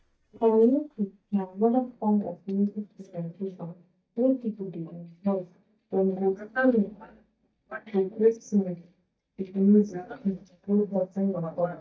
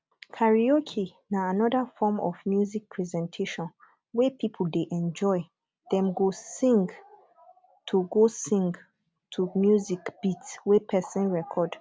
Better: second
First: noise reduction (neural mask model DeepFilterNet 3)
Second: none

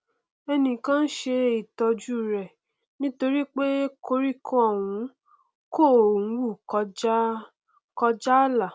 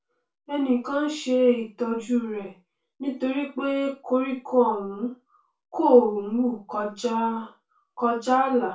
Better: first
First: none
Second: room echo; dies away in 0.2 s

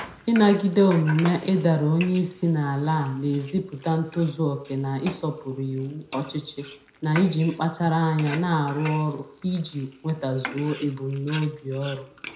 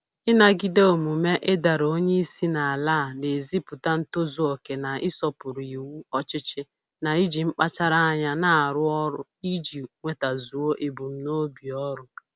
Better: second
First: background sound (Frying (food)); 17 dB below the speech // room echo; dies away in 0.5 s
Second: none

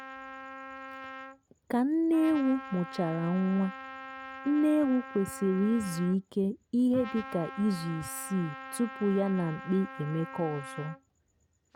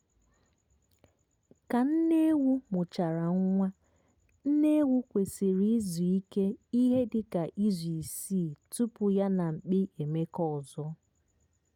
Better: second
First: background sound (Trumpet); 14 dB below the speech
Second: none

